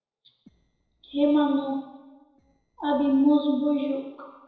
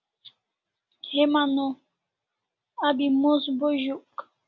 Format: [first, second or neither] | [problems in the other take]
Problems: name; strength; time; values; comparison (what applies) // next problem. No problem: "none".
second | noise reduction (neural separator model SepFormer DNS4)